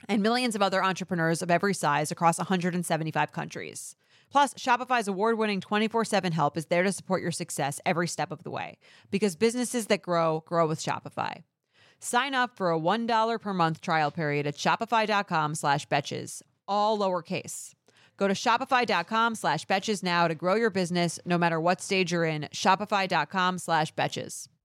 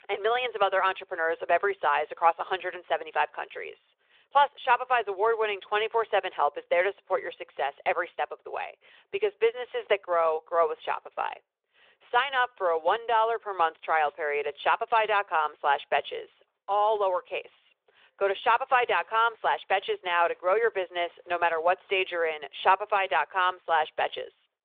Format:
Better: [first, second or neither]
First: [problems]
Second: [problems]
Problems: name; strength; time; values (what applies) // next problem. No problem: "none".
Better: first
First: none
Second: phone-call audio